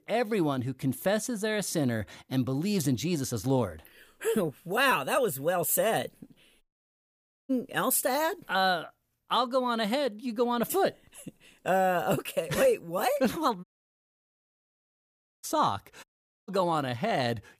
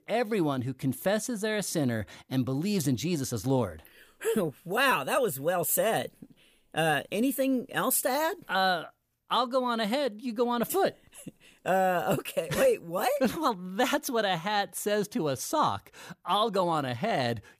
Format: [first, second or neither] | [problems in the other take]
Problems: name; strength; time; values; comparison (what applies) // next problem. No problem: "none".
second | audio cutting out; at 6.5 s for 1 s, at 14 s for 2 s and at 16 s